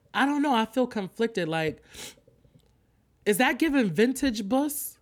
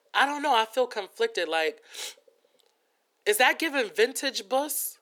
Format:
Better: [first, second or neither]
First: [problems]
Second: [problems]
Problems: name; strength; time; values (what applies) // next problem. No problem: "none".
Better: first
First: none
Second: thin; very; fading below 400 Hz